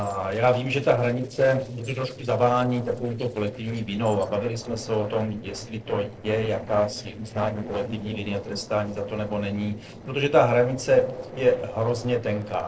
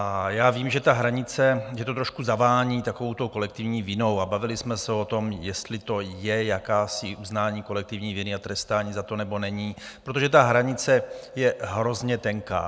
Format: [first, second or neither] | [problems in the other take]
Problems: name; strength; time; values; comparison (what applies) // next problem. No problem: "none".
second | noise reduction (neural separator model SepFormer DNS4)